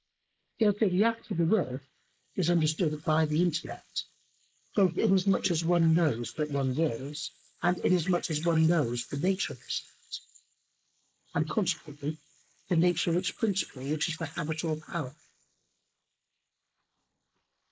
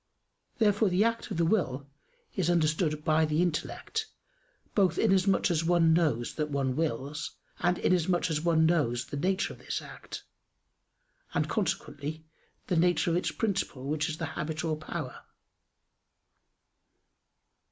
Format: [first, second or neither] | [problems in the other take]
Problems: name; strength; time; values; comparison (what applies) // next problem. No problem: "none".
second | noise reduction (neural mask model Resemble Enhance denoiser)